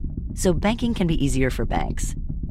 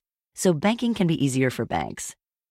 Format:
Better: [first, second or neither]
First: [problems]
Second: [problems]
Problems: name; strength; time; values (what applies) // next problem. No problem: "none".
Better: second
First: low rumble; noticeable; throughout; 15 dB below the speech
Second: none